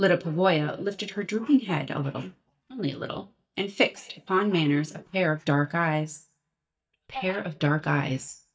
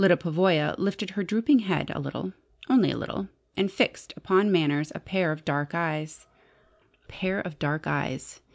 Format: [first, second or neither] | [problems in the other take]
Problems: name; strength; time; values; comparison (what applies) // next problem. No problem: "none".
second | noise reduction (neural mask model DeepFilterNet 3)